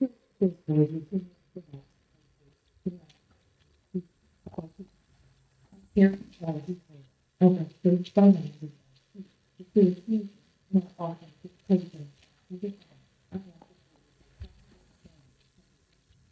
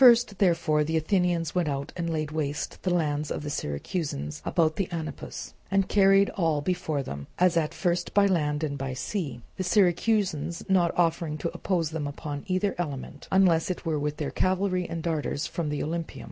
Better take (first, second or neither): second